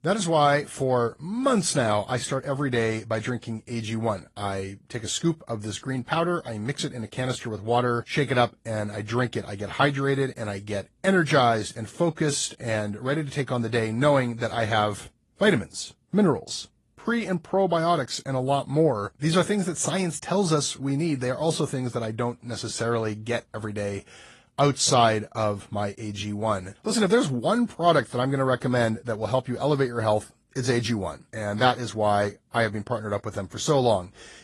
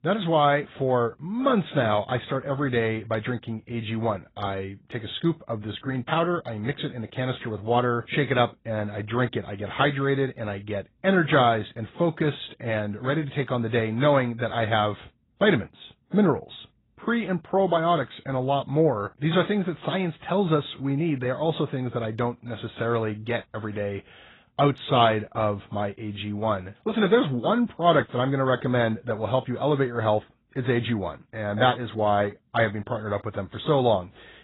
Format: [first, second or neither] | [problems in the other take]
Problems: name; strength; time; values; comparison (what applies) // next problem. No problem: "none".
first | garbled, watery; badly; nothing above 4 kHz; slightly in the first